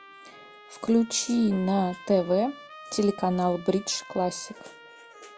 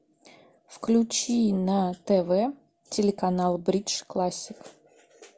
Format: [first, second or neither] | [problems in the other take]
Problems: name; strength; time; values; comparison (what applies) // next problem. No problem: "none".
second | background sound (Trumpet); 19 dB below the speech